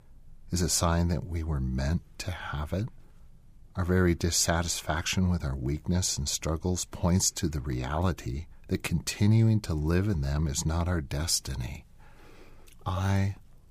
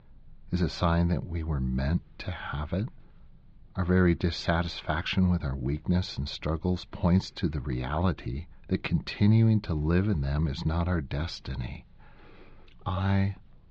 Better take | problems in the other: first | muffled; slightly; fading above 4 kHz

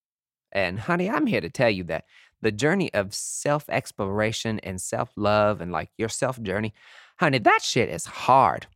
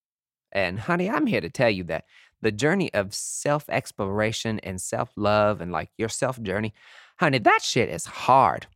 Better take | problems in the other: neither | none

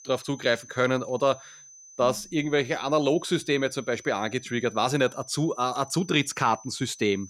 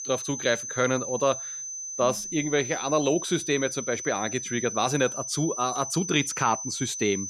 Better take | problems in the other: first | high-pitched whine; loud; throughout; 6 kHz, 6 dB below the speech; faint in the first

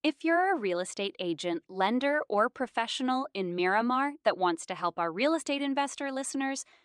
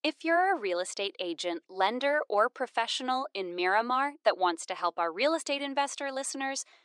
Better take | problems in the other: first | thin; somewhat; fading below 450 Hz

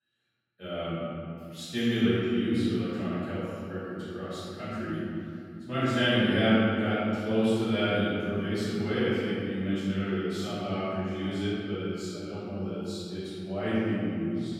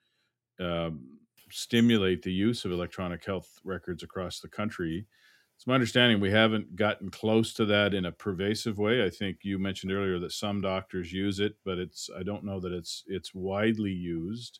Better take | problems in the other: second | room echo; strong; dies away in 2.6 s // off-mic speech; far

